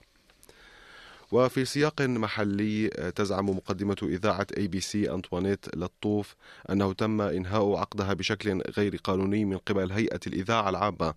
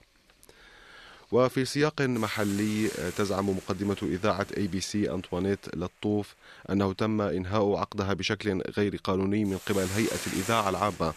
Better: first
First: none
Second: hiss; noticeable; throughout; 10 dB below the speech

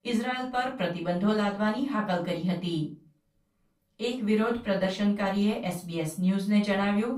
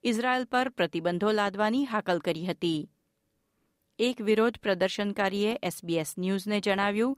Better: second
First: off-mic speech; far // room echo; slight; dies away in 0.3 s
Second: none

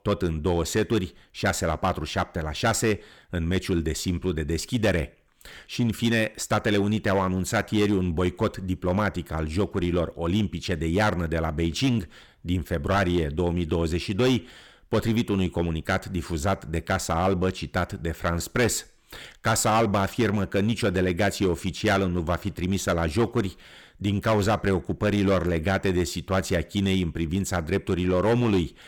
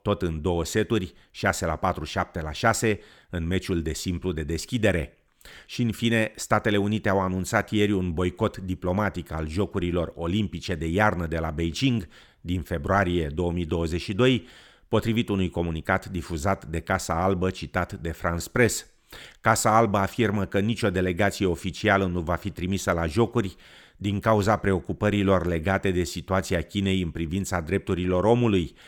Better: second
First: distortion; slight; 6% of the sound clipped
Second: none

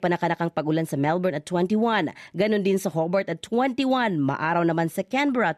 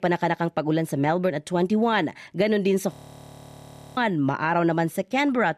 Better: first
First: none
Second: audio freezing; at 3 s for 1 s

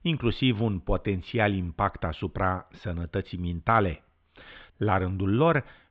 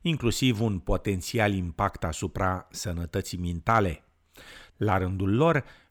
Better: second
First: muffled; very; fading above 3.5 kHz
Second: none

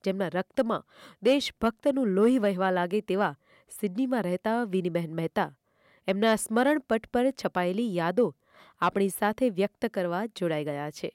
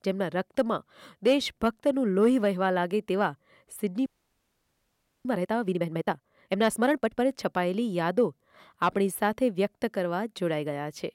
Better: first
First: none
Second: audio freezing; at 4 s for 1 s

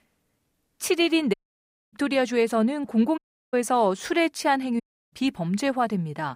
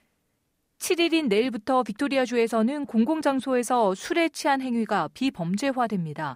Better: second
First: audio cutting out; at 1.5 s for 0.5 s, at 3 s and at 5 s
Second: none

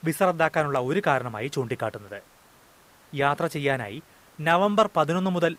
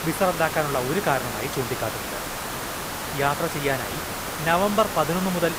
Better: first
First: hiss; faint; throughout; 30 dB below the speech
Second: hiss; loud; throughout; 5 dB below the speech

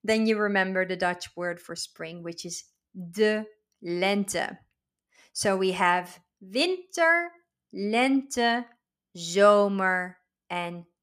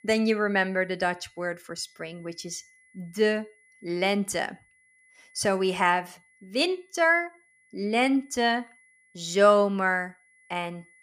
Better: first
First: none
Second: high-pitched whine; faint; throughout; 2 kHz, 30 dB below the speech

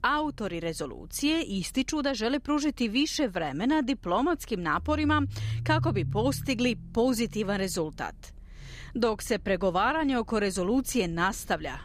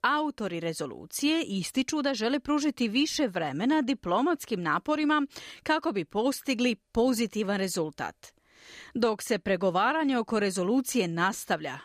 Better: second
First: low rumble; faint; throughout; 20 dB below the speech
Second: none

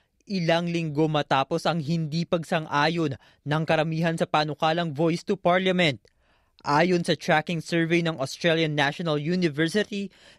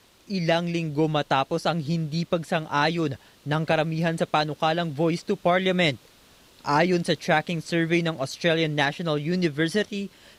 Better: first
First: none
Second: hiss; faint; throughout; 30 dB below the speech

